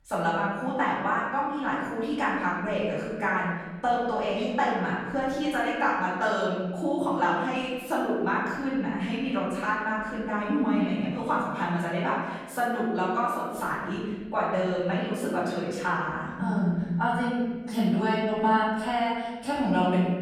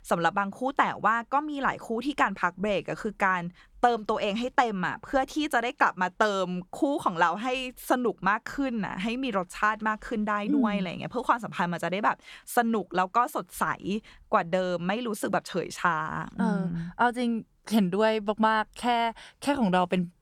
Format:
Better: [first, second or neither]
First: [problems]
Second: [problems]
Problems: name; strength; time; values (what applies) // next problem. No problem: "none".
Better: second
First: off-mic speech; far // room echo; noticeable; dies away in 1.4 s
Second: none